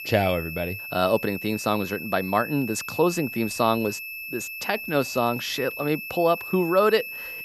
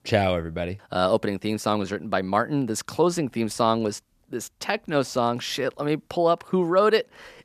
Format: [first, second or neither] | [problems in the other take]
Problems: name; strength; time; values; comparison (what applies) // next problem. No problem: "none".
second | high-pitched whine; loud; throughout; 2.5 kHz, 8 dB below the speech